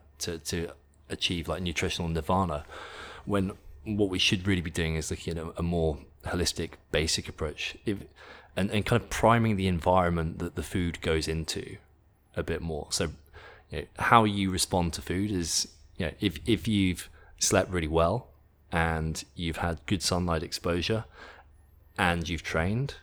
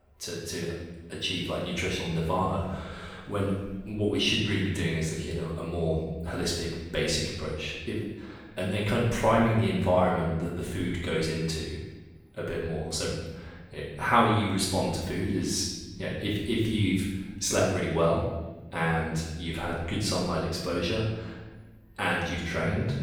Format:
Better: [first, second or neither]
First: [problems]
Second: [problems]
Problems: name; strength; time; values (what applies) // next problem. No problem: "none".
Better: first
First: none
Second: off-mic speech; far // room echo; noticeable; dies away in 1.1 s